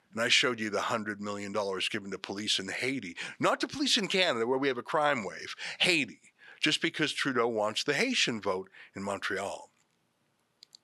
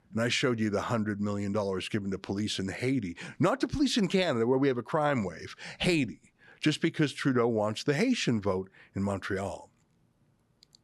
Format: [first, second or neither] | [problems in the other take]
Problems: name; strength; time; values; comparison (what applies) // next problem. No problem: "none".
second | thin; somewhat; fading below 750 Hz